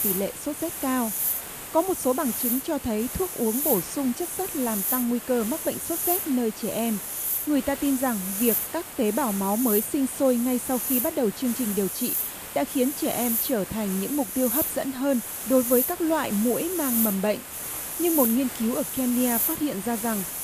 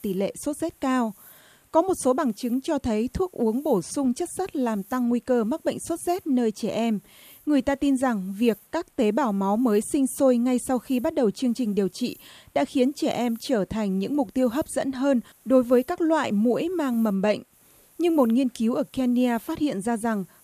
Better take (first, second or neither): second